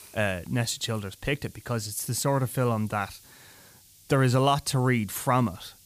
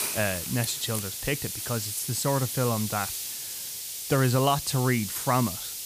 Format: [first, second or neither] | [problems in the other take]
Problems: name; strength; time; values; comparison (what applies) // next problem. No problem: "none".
first | hiss; loud; throughout; 4 dB below the speech; faint in the first